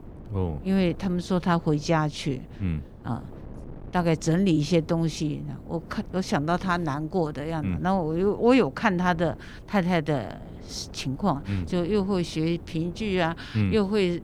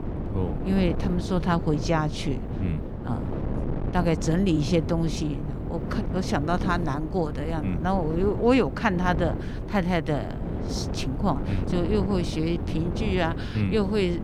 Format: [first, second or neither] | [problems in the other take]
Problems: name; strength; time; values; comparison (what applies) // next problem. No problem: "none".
first | wind noise on the microphone; heavy; 9 dB below the speech; occasional gusts in the first